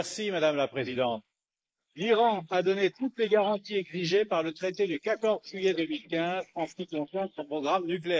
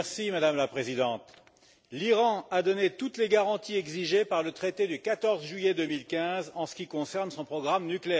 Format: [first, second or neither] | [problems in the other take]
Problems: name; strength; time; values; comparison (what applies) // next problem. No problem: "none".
second | noise reduction (neural mask model Resemble Enhance denoiser)